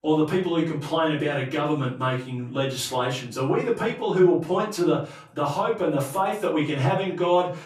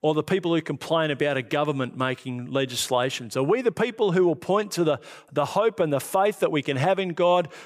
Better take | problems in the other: second | room echo; slight; dies away in 0.3 s // off-mic speech; far

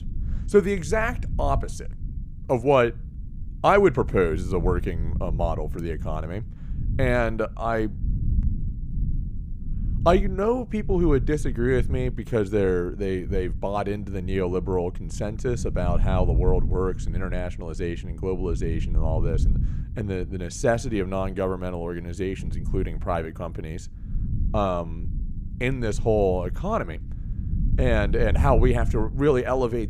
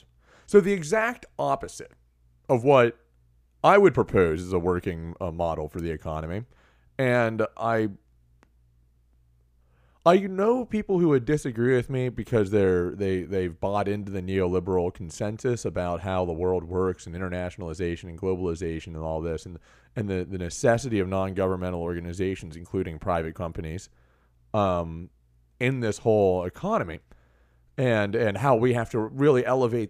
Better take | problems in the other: second | low rumble; noticeable; throughout; 20 dB below the speech

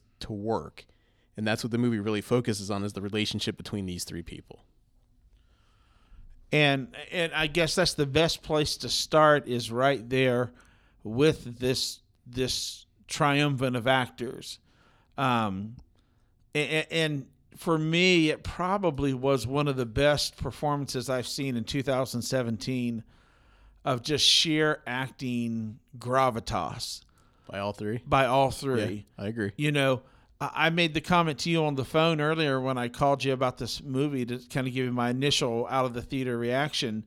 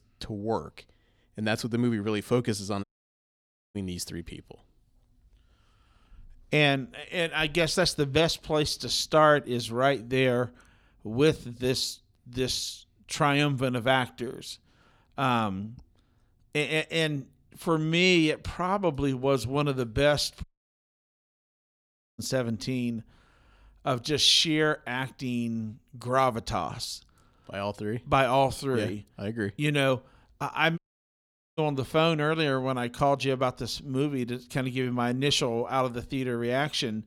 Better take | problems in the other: first | audio cutting out; at 3 s for 1 s, at 20 s for 1.5 s and at 31 s for 1 s

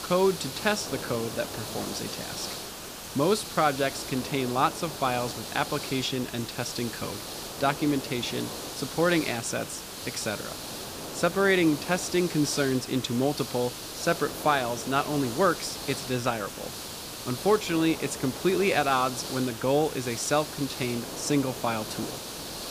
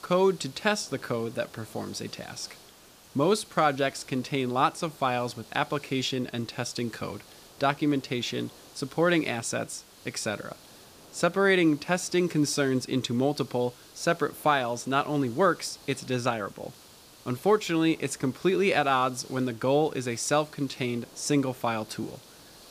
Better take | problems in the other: second | hiss; loud; throughout; 8 dB below the speech; faint in the second

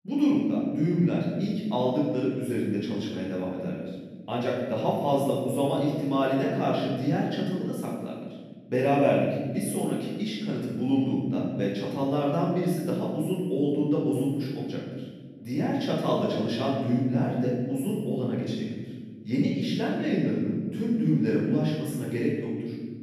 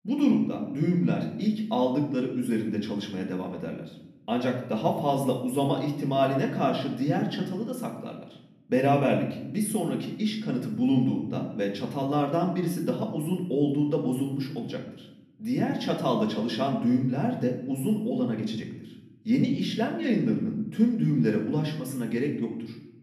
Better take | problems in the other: second | room echo; strong; dies away in 1.5 s; slight in the second // off-mic speech; far; far in the second

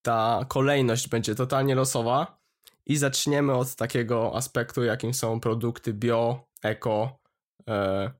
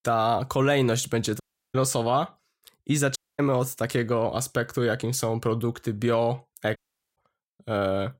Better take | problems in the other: first | audio cutting out; at 1.5 s, at 3 s and at 7 s

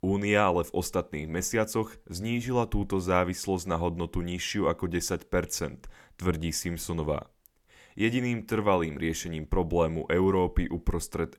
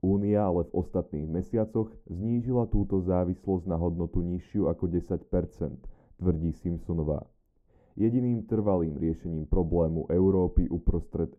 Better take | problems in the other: first | muffled; very; fading above 1 kHz

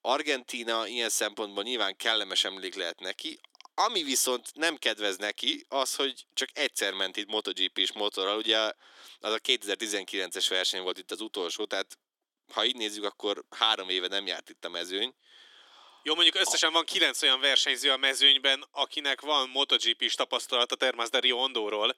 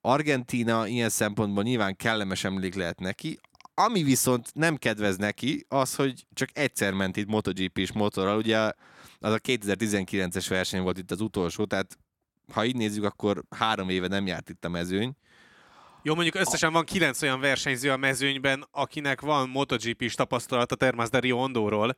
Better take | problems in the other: second | thin; somewhat; fading below 300 Hz

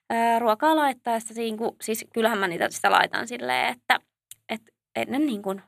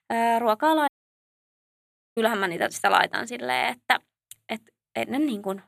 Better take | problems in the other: first | audio cutting out; at 1 s for 1.5 s

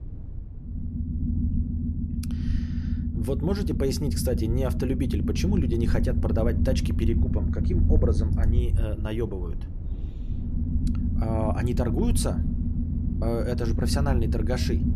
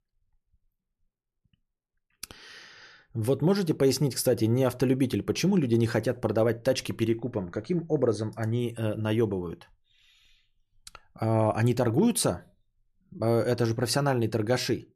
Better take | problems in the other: second | low rumble; loud; throughout; 6 dB below the speech

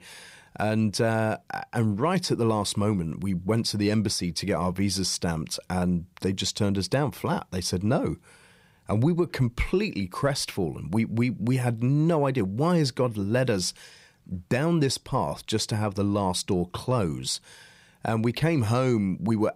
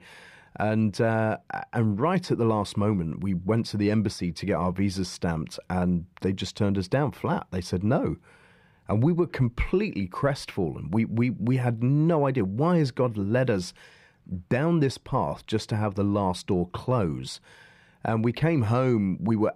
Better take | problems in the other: first | muffled; slightly; fading above 3.5 kHz

